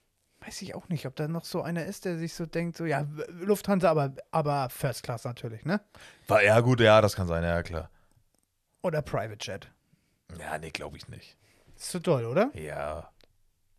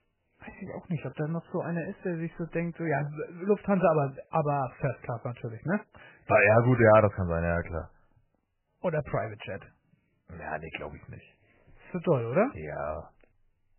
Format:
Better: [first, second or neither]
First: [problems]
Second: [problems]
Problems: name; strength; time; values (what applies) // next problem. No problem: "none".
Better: first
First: none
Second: garbled, watery; badly; nothing above 2.5 kHz